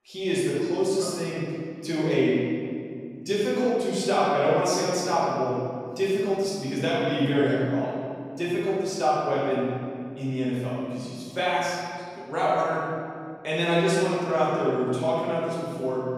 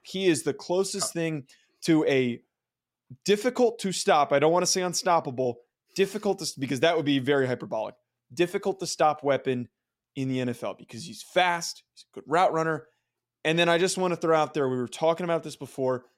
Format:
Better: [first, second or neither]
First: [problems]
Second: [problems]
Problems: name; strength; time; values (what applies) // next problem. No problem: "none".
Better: second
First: room echo; strong; dies away in 2.2 s // off-mic speech; far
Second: none